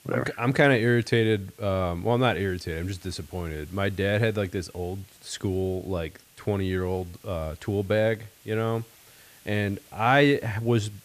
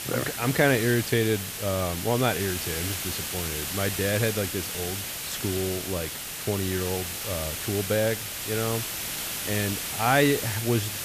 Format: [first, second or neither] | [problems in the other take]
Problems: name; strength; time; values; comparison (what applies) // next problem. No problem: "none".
first | hiss; loud; throughout; 3 dB below the speech; faint in the first